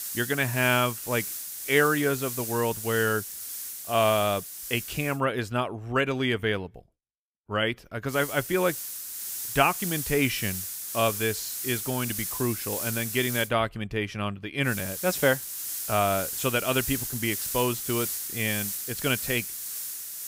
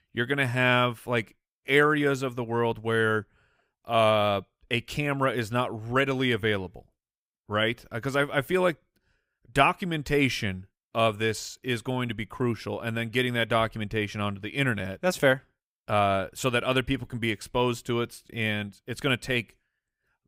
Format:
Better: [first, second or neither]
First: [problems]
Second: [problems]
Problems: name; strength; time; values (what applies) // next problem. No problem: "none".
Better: second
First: hiss; loud; until 5 s, from 8 to 13 s and from 15 s on; 4 dB below the speech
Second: none